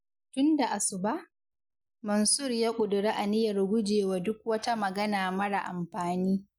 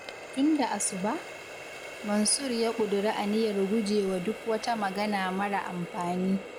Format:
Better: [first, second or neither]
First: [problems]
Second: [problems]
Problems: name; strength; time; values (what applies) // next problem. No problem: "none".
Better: first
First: none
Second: background sound (Water tap, faucet); 13 dB below the speech